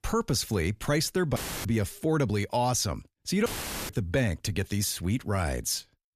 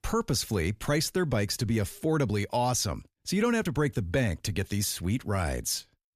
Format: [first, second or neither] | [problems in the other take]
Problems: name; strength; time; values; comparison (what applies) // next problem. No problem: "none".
second | audio cutting out; filled with static; at 1.5 s and at 3.5 s